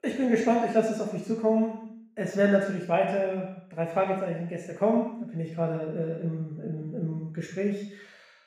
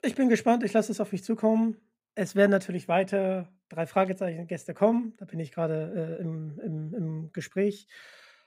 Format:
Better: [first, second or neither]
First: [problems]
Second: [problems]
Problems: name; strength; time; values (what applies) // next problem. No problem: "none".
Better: second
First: room echo; noticeable; dies away in 0.7 s // off-mic speech; far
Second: none